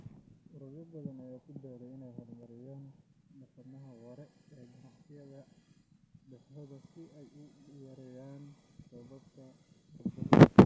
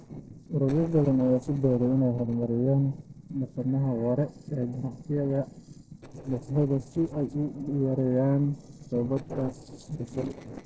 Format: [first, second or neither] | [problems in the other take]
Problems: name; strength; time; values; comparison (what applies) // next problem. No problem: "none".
first | noise reduction (neural separator model SepFormer DNS4)